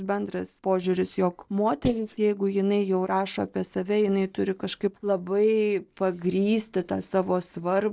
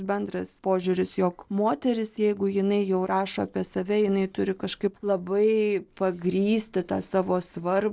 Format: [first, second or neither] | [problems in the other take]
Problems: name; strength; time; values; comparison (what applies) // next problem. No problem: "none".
second | noise reduction (neural mask model DeepFilterNet 3)